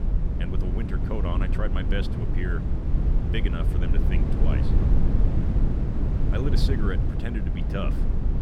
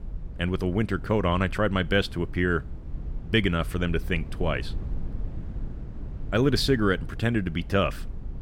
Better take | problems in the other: second | low rumble; loud; throughout; 2 dB below the speech; faint in the second

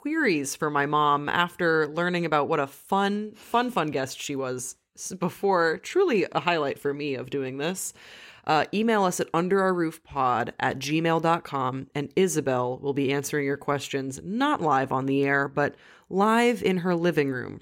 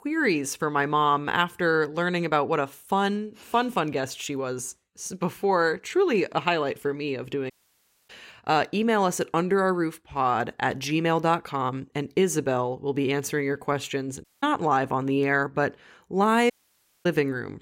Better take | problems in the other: first | audio cutting out; at 7.5 s for 0.5 s, at 14 s and at 17 s for 0.5 s

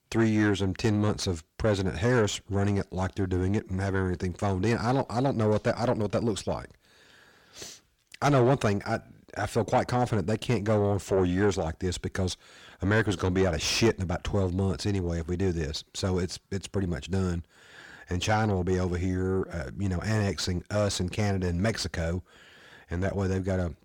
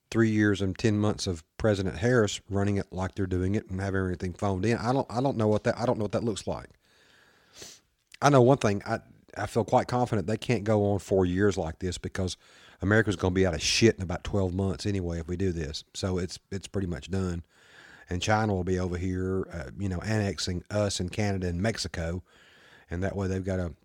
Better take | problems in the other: second | distortion; slight; 9 dB below the speech

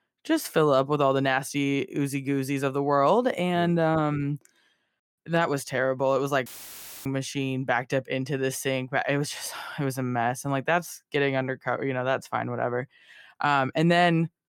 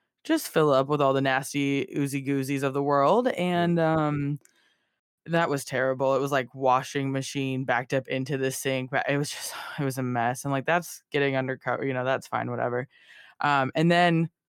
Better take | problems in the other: second | audio cutting out; filled with static; at 6.5 s for 0.5 s

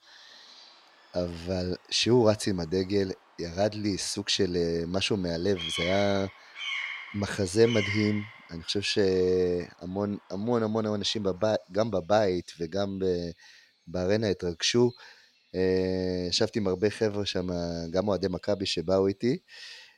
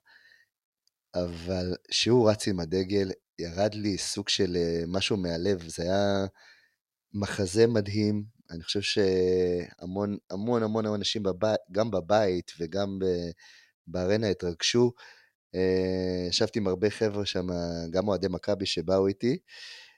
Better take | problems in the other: second | animal sounds; loud; throughout; 8 dB below the speech

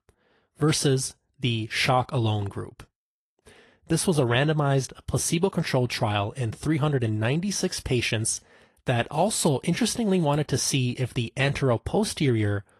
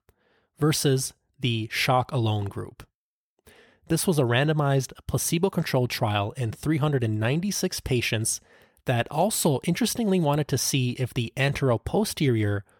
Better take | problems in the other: second | garbled, watery; slightly; nothing above 11.5 kHz

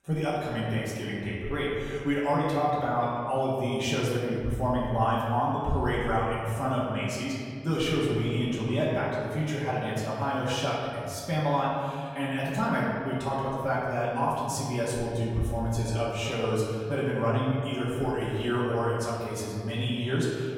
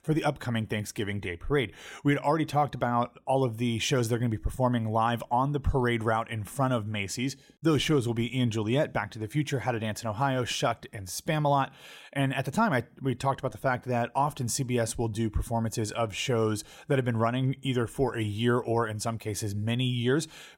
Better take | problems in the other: second | off-mic speech; far // room echo; noticeable; dies away in 1.8 s

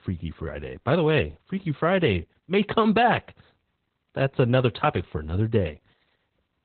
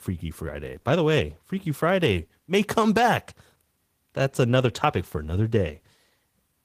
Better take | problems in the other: second | garbled, watery; badly; nothing above 4 kHz; slightly in the second

